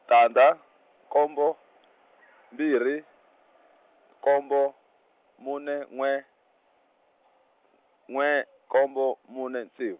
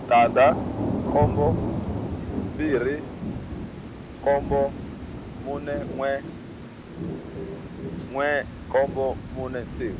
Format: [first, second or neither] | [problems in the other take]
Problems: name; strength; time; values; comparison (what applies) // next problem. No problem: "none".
first | background sound (Thunder / Rain); 4 dB below the speech